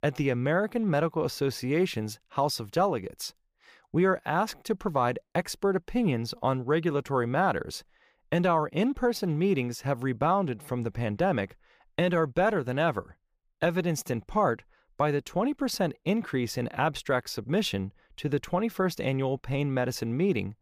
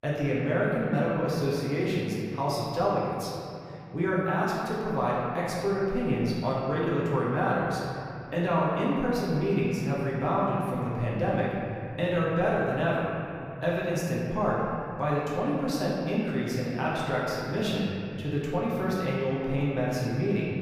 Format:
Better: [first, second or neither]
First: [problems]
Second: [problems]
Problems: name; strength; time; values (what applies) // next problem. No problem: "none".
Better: first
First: none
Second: room echo; strong; dies away in 3 s // off-mic speech; far